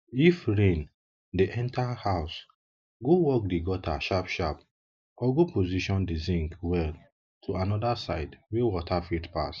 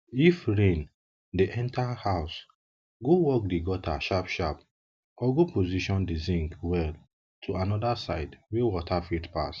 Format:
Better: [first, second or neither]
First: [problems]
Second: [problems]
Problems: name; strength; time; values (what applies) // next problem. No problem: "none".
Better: second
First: noise reduction (neural mask model Resemble Enhance denoiser)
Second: none